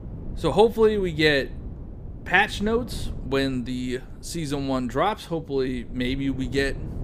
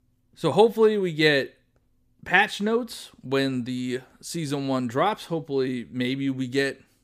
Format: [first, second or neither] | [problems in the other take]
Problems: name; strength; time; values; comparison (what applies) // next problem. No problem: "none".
second | wind noise on the microphone; occasional gusts; 25 dB below the speech